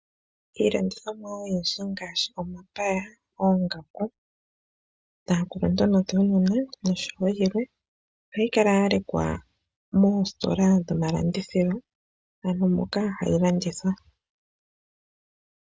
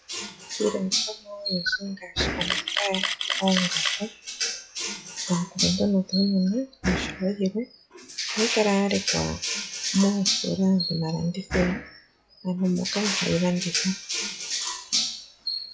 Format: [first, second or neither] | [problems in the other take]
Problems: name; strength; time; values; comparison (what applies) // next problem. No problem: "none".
first | noise reduction (classical method log-MMSE)